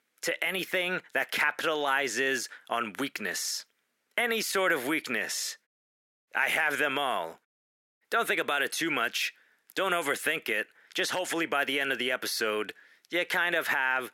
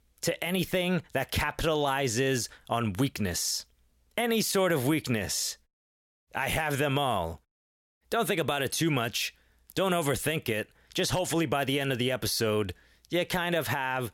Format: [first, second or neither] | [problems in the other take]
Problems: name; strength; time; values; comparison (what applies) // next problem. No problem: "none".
second | thin; somewhat; fading below 250 Hz